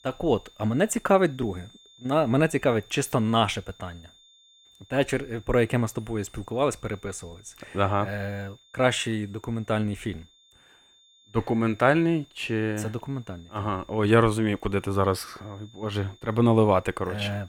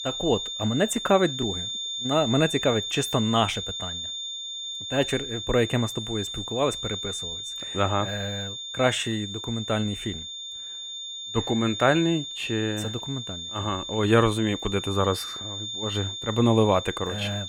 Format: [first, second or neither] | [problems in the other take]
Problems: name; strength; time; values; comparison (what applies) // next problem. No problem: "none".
first | high-pitched whine; loud; throughout; 3.5 kHz, 6 dB below the speech; faint in the first